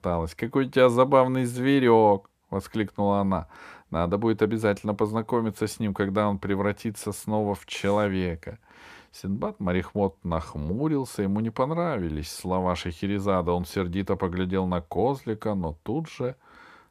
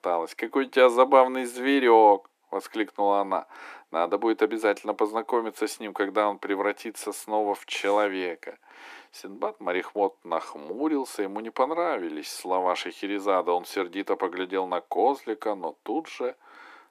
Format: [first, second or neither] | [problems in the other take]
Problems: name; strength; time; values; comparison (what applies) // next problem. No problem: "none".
first | thin; somewhat; fading below 300 Hz